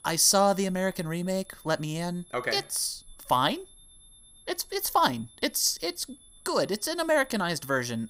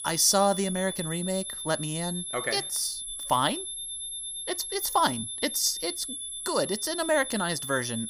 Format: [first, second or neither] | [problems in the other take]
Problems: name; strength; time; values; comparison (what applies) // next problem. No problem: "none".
first | high-pitched whine; loud; throughout; 11 kHz, 6 dB below the speech; faint in the first